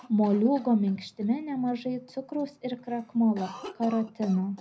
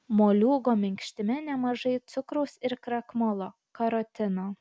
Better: second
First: background sound (Cough); 19 dB below the speech // room echo; dies away in 0.4 s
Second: none

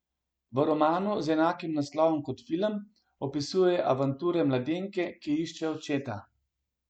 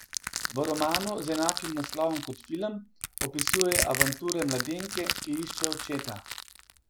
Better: first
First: none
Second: background sound (Crushing); 2 dB below the speech

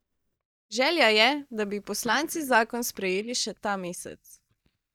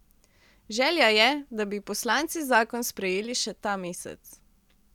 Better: second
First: noise reduction (neural mask model DeepFilterNet 3)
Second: none

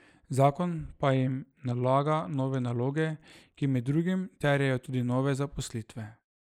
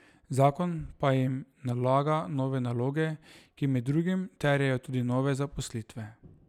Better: second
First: noise reduction (neural mask model Resemble Enhance denoiser)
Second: none

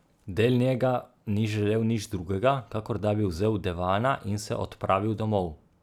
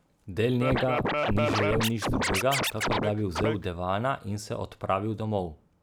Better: first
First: none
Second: background sound (Scratching (performance technique)); 1 dB above the speech

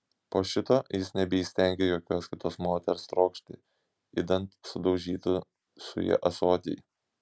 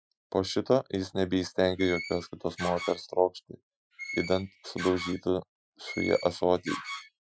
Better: first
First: none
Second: noise reduction (classical method Wiener filter)

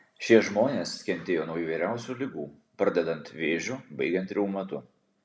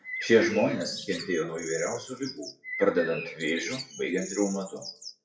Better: first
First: none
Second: noise reduction (classical method WPE with log-MMSE)

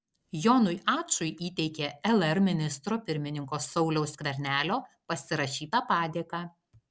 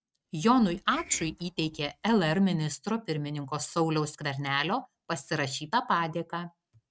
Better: first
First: none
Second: noise reduction (neural mask model RNNoise)

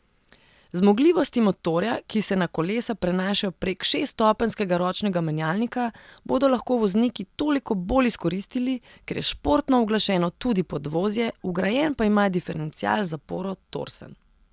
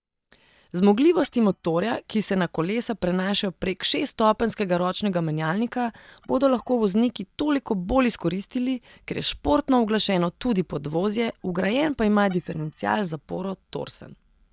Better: first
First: none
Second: noise reduction (neural mask model DeepFilterNet 3)

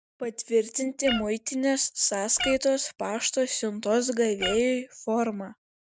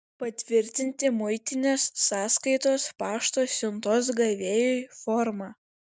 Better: second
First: background sound (Meow); 9 dB below the speech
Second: none

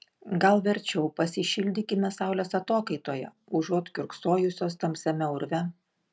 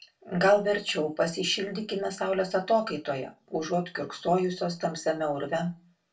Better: first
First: none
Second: room echo; dies away in 0.2 s

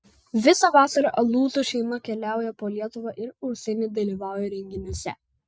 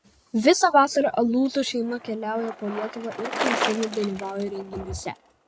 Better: first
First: none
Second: background sound (Bicycle); 9 dB below the speech

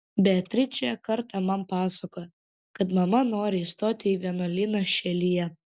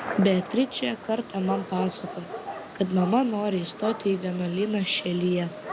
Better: first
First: none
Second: background sound (Gunshot, gunfire); 11 dB below the speech

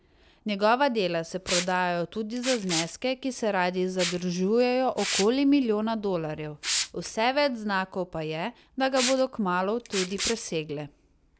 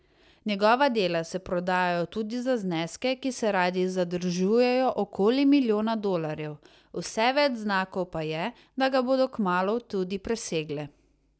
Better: second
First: background sound (Liquid); 9 dB below the speech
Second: none

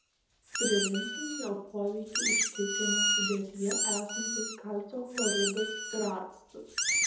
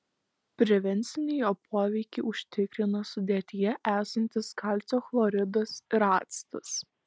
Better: second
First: background sound (Squeak); 2 dB above the speech // room echo; dies away in 0.7 s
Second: none

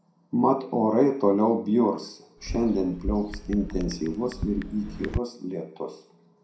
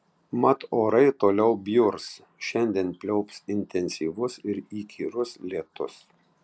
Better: second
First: background sound (Chatter / Chirp, tweet / Car passing by / Typing); 9 dB below the speech // room echo; dies away in 0.5 s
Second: none

